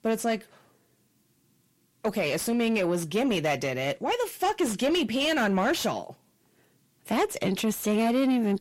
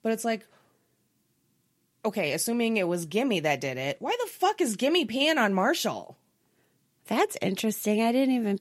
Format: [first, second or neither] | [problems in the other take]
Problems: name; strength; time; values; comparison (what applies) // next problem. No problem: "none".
second | distortion; slight; 10 dB below the speech